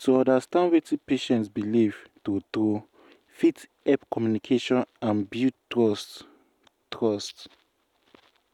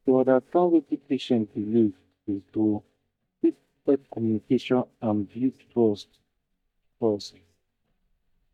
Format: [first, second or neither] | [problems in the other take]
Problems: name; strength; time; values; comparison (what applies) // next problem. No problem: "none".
first | noise reduction (neural mask model DeepFilterNet 3)